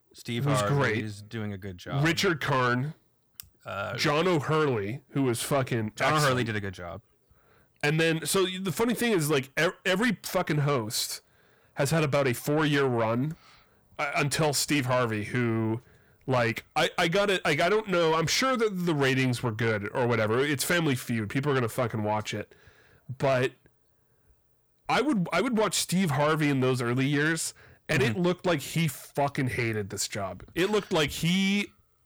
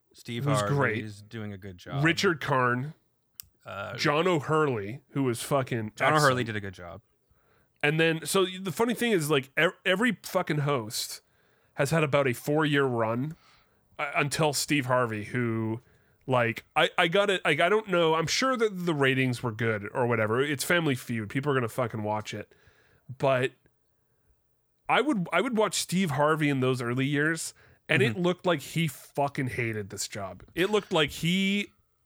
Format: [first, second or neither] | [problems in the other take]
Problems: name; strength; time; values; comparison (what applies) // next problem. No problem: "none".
second | distortion; slight; 10 dB below the speech